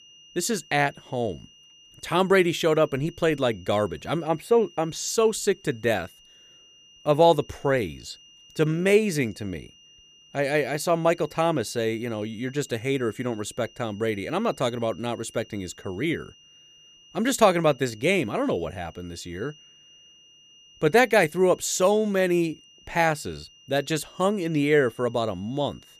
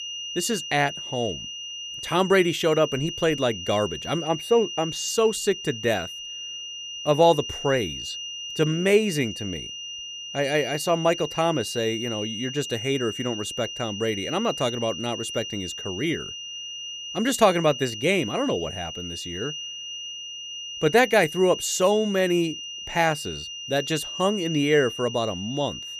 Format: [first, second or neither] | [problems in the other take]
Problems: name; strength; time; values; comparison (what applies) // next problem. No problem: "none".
first | high-pitched whine; loud; throughout; 3 kHz, 8 dB below the speech; faint in the first